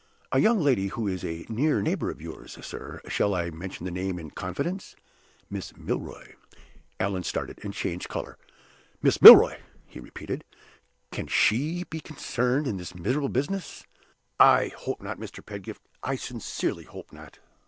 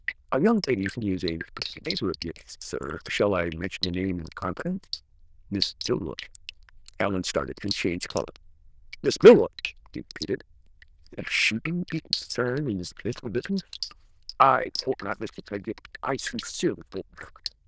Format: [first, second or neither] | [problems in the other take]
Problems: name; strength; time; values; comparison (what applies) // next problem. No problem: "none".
first | noise reduction (neural diffusion model UNIVERSE++)